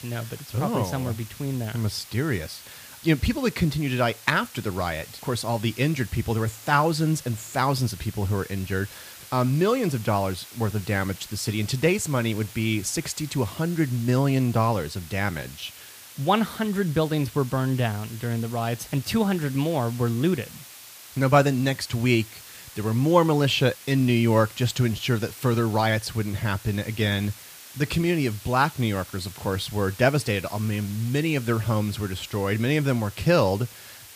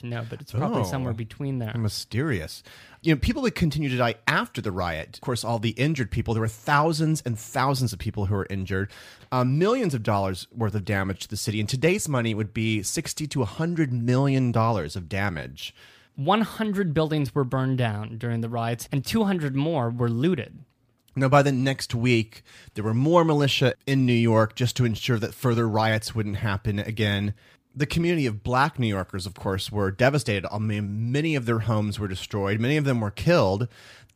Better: second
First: hiss; noticeable; throughout; 15 dB below the speech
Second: none

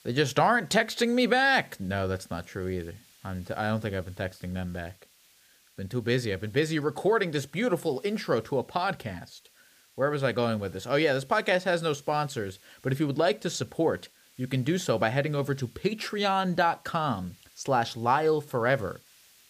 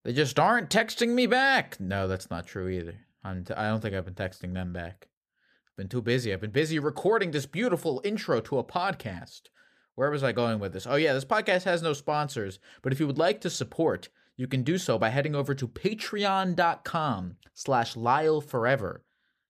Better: second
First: hiss; faint; throughout; 30 dB below the speech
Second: none

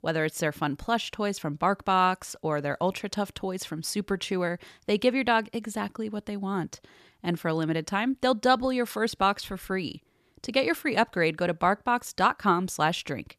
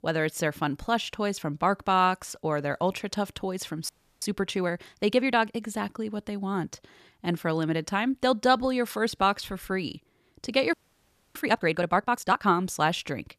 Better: first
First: none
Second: audio freezing; at 4 s and at 11 s for 0.5 s

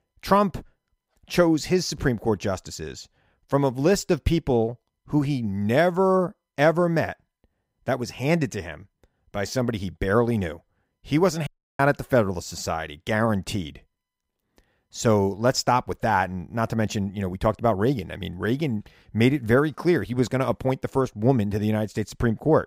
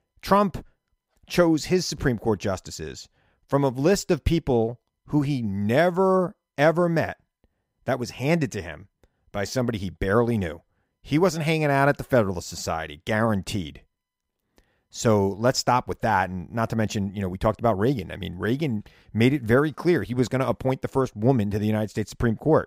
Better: second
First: audio cutting out; at 11 s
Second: none

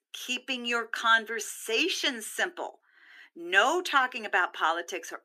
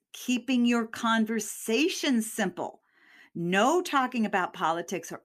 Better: second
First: thin; very; fading below 350 Hz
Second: none

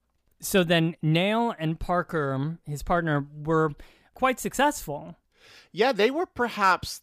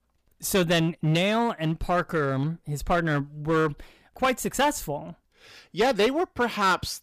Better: first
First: none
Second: distortion; slight; 7% of the sound clipped

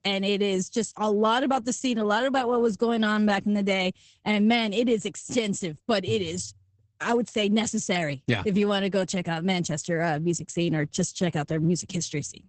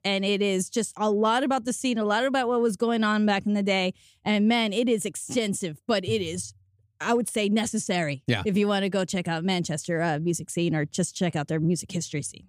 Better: second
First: garbled, watery; badly; nothing above 8 kHz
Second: none

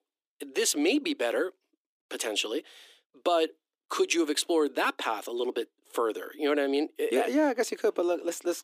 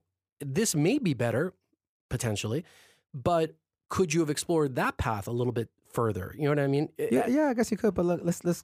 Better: second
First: thin; very slightly; fading below 300 Hz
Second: none

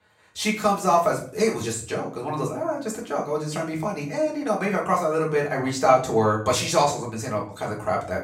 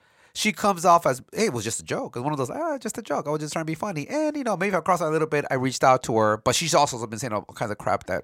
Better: second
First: room echo; slight; dies away in 0.4 s // off-mic speech; far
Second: none

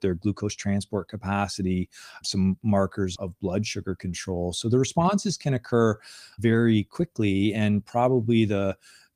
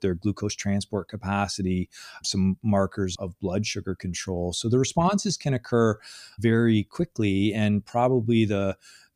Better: second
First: garbled, watery; slightly; nothing above 15 kHz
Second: none

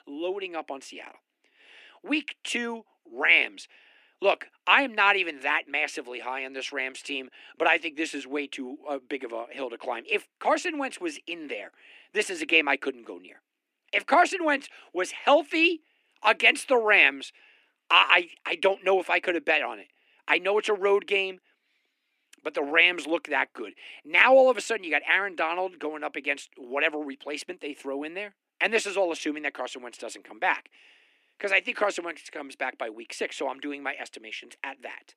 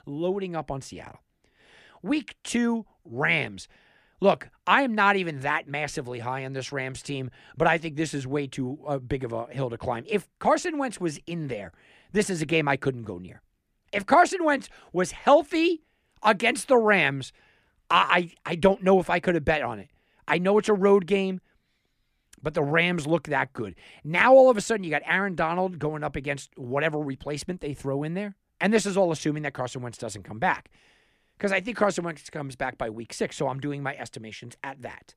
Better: second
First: thin; somewhat; fading below 300 Hz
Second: none

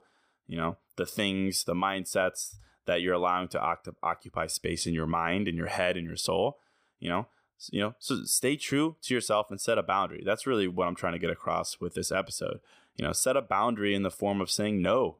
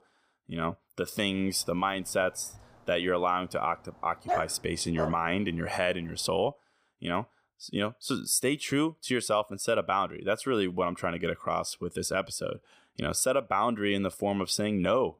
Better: first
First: none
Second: dog barking; noticeable; at 4.5 s; peak 2 dB below the speech

